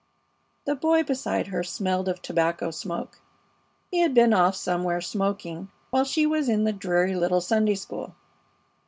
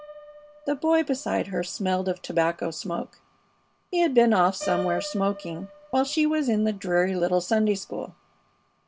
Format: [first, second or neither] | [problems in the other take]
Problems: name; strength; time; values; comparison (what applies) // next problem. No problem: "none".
first | background sound (Piano); 17 dB below the speech